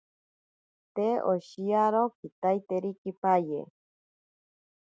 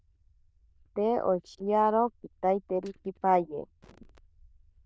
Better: first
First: none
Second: noise reduction (neural diffusion model UNIVERSE++)

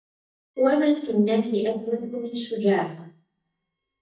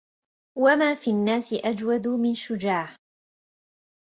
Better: second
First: noise reduction (neural mask model DeepFilterNet 3)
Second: none

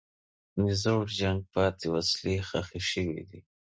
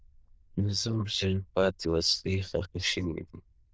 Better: first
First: none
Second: noise reduction (neural diffusion model UNIVERSE++)

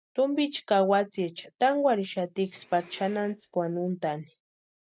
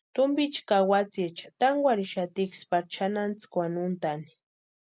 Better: second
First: noise reduction (neural mask model DeepFilterNet 3)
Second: none

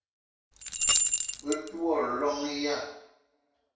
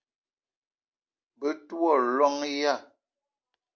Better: second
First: background sound (Rattle / Keys jangling); 4 dB above the speech // room echo; dies away in 0.6 s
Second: none

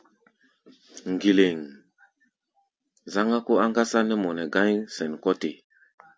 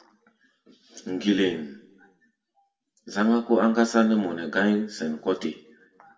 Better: first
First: none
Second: room echo; dies away in 0.5 s

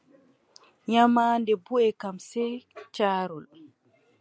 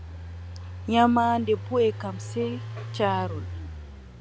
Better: first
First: none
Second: background sound (Engine); 9 dB below the speech

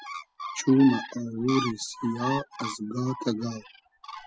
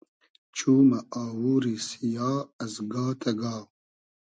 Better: second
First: noise reduction (classical method spectral subtraction)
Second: none

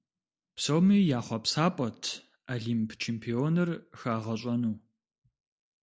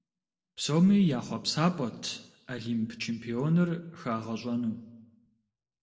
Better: first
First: none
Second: room echo; dies away in 0.8 s

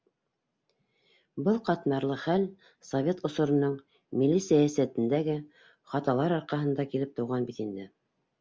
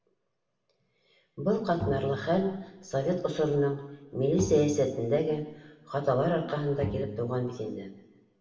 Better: first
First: none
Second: background sound (Bowed string instrument); 10 dB below the speech // room echo; dies away in 1 s

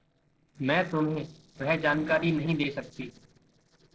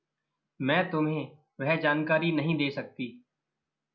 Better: second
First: noise reduction (neural separator model SepFormer DNS4)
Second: none

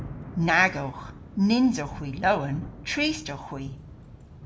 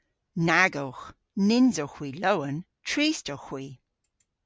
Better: second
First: background sound (Thunder / Rain); 14 dB below the speech // room echo; dies away in 0.5 s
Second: none

